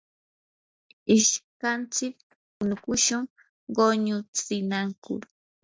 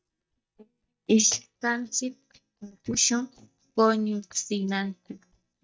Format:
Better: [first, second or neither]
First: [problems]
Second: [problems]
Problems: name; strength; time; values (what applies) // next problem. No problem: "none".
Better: first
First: none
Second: noise reduction (neural mask model DeepFilterNet 3)